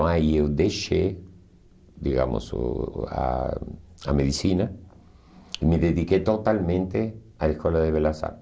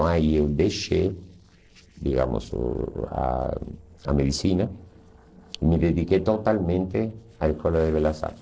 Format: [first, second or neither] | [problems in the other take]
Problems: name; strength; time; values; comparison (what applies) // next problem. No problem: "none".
first | noise reduction (neural separator model SepFormer DNS4)